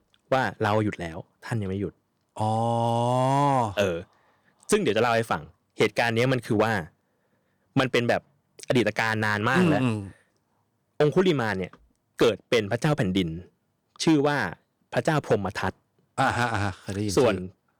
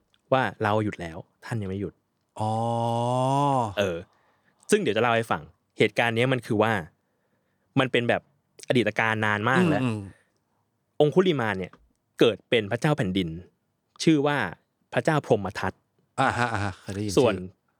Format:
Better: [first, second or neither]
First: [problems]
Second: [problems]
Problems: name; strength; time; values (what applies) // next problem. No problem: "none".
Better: second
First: distortion; slight; 2% of the sound clipped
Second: none